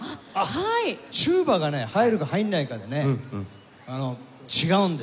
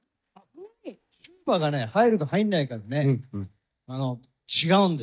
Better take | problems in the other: first | noise reduction (neural mask model DeepFilterNet 3)

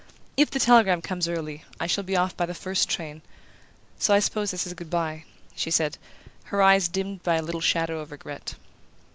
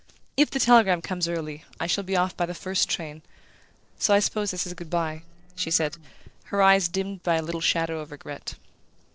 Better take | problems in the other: first | noise reduction (neural separator model SepFormer DNS4)

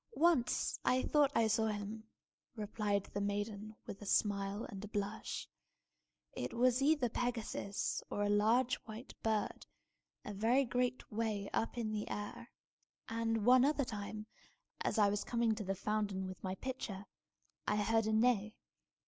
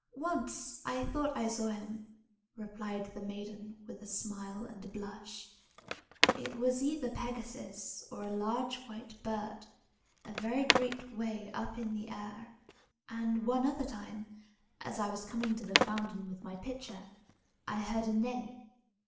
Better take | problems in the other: first | background sound (Skateboard); 1 dB below the speech // room echo; dies away in 0.8 s

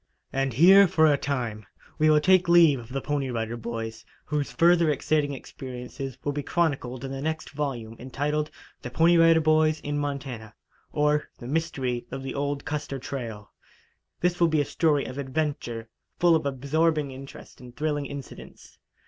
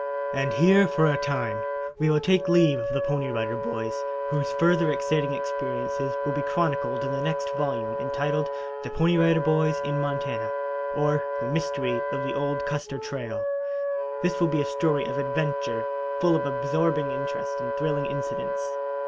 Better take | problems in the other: first | background sound (Wind instrument, woodwind instrument); 2 dB below the speech

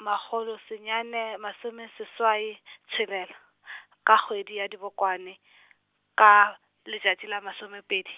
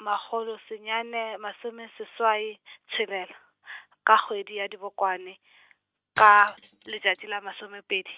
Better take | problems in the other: first | noise reduction (neural mask model RNNoise)

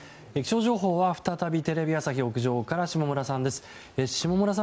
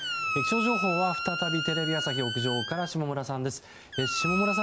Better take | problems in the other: first | background sound (Squeak); 2 dB below the speech

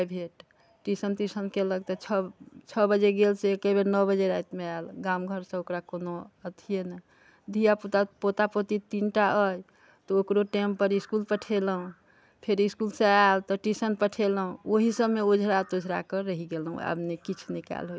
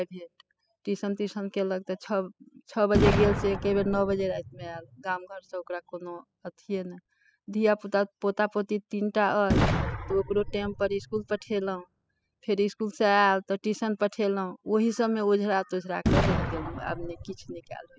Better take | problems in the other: first | noise reduction (classical method spectral subtraction)

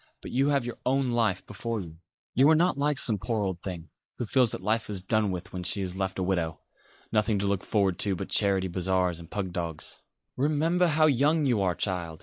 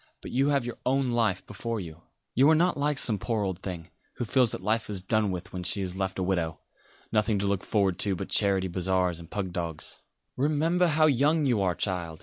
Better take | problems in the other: second | noise reduction (neural mask model Resemble Enhance denoiser)

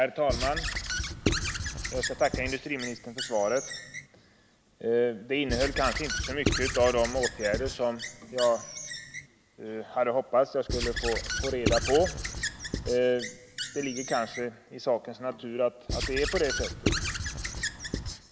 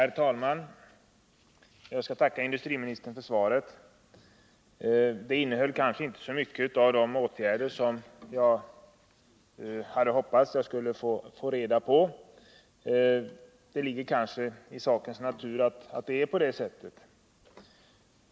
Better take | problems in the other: second | background sound (Squeak / Writing); 4 dB below the speech

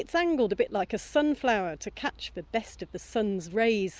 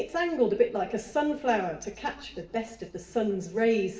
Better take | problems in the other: first | room echo; dies away in 0.6 s

